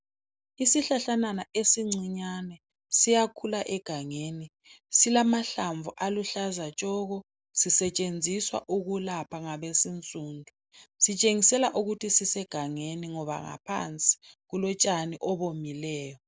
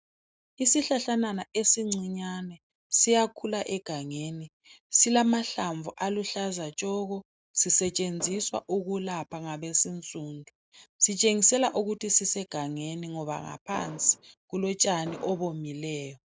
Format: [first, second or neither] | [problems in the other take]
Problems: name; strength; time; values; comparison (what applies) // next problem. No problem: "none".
first | noise reduction (neural mask model RNNoise)